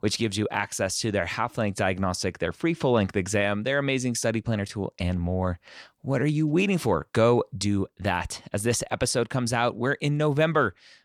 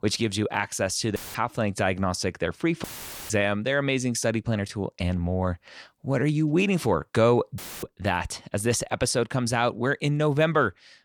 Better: first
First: none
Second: audio cutting out; filled with static; at 1 s, at 3 s and at 7.5 s

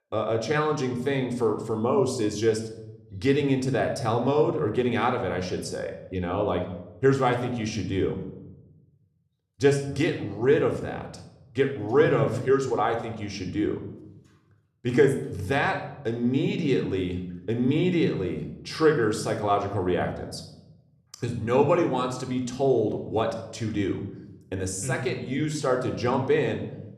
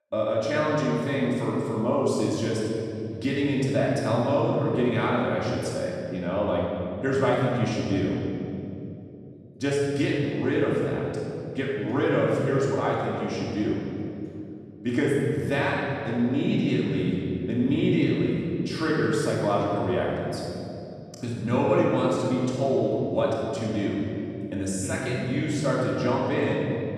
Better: first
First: room echo; slight; dies away in 0.7 s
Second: room echo; strong; dies away in 2.6 s // off-mic speech; far

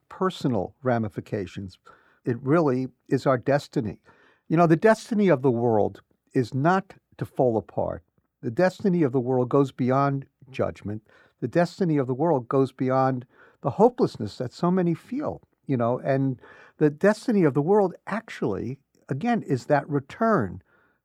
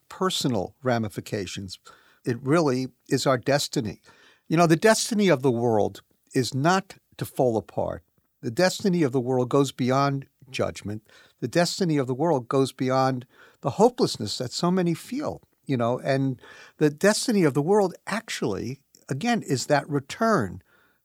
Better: second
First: muffled; slightly; fading above 2.5 kHz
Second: none

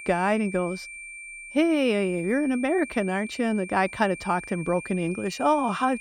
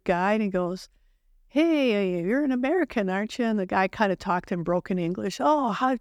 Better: second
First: high-pitched whine; noticeable; throughout; 2.5 kHz, 15 dB below the speech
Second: none

